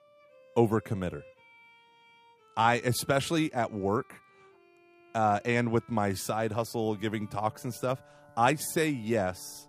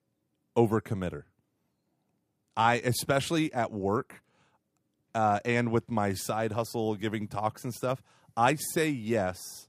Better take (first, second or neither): second